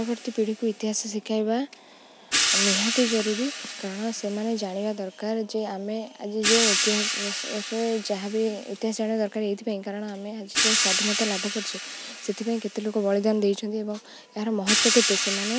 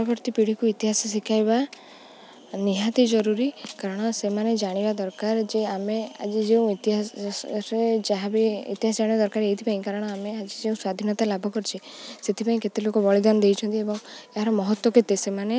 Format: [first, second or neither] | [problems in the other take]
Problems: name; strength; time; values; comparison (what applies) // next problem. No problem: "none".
second | background sound (Hi-hat); 2 dB below the speech